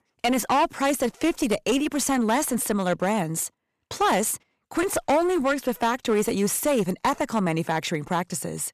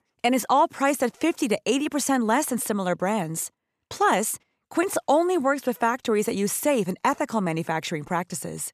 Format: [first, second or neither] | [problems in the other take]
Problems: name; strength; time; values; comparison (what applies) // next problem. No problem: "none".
second | distortion; slight; 10% of the sound clipped